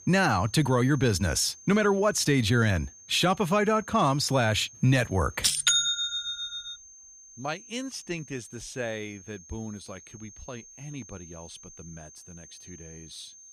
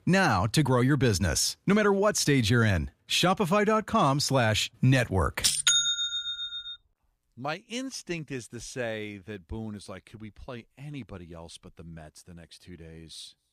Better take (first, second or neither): second